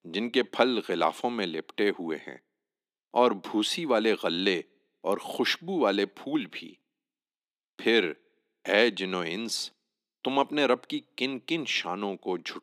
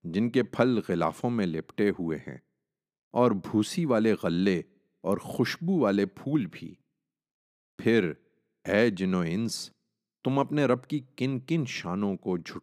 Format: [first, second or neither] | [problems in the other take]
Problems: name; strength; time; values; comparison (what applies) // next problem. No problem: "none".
second | thin; somewhat; fading below 300 Hz